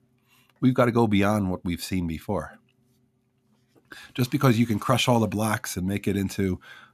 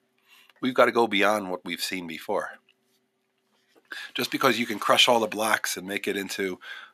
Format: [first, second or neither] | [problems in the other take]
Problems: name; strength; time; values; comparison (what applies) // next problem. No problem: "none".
first | thin; somewhat; fading below 450 Hz